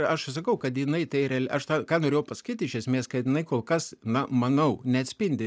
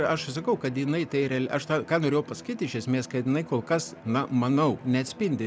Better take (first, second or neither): first